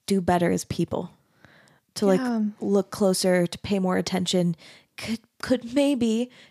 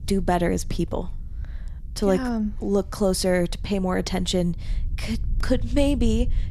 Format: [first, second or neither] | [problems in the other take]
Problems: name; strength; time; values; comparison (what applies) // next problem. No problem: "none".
first | low rumble; faint; throughout; 25 dB below the speech